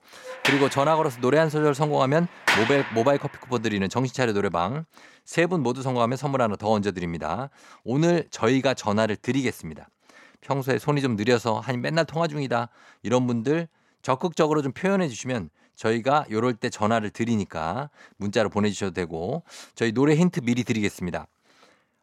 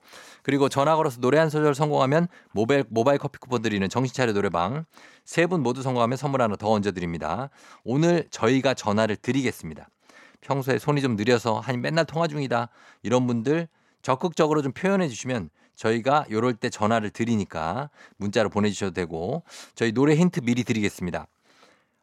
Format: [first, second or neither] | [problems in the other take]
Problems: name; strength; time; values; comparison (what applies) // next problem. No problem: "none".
second | door banging; loud; until 3 s; peak 3 dB above the speech